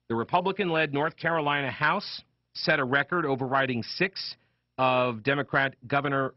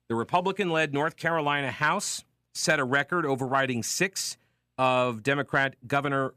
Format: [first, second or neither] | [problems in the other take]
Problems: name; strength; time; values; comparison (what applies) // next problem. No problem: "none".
second | garbled, watery; badly; nothing above 5.5 kHz